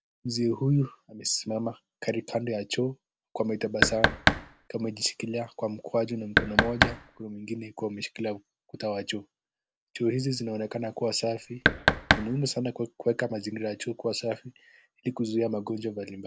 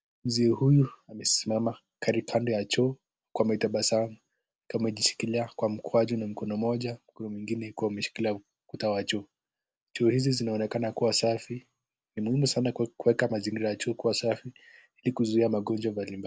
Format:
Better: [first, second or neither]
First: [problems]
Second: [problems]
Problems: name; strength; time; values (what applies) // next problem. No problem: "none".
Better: second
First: background sound (Knock); 5 dB above the speech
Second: none